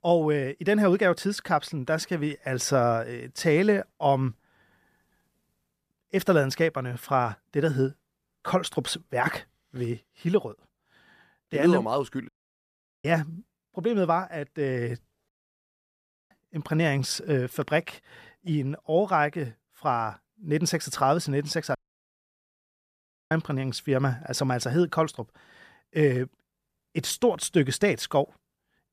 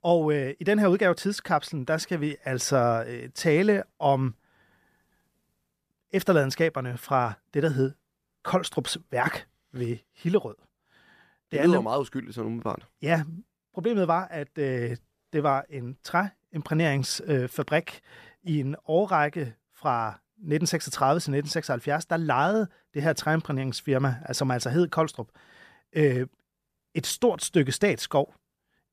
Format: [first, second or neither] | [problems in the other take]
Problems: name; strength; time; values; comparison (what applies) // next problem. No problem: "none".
second | audio cutting out; at 12 s for 1 s, at 15 s for 1 s and at 22 s for 1.5 s